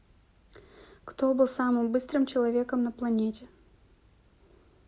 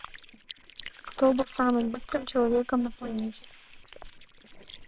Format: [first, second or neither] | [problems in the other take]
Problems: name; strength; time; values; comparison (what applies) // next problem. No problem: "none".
first | noise reduction (neural separator model SepFormer WHAMR!)